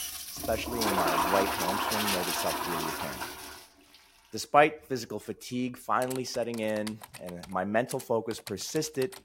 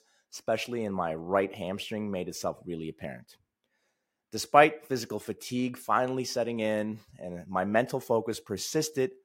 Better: second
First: household noises; very loud; throughout; as loud as the speech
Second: none

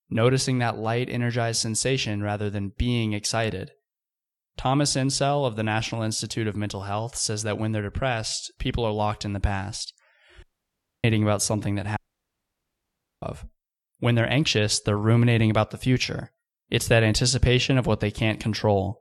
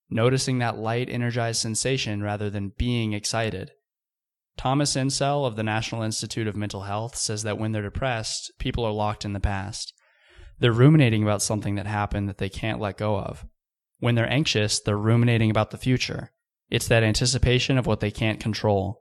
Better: second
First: audio cutting out; at 10 s for 0.5 s and at 12 s for 1.5 s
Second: none

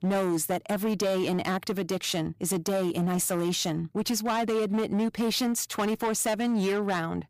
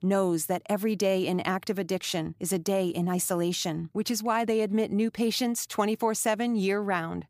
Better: second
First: distortion; slight; 18% of the sound clipped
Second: none

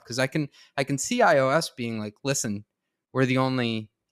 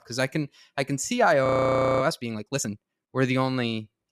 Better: first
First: none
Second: audio freezing; at 1.5 s for 0.5 s

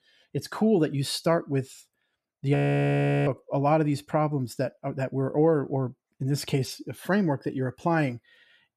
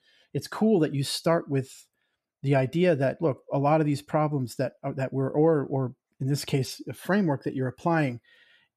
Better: second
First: audio freezing; at 2.5 s for 0.5 s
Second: none

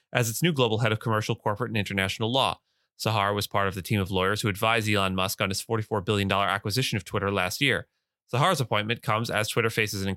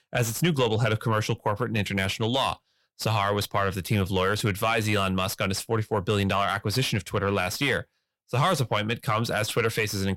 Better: first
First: none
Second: distortion; slight; 10 dB below the speech

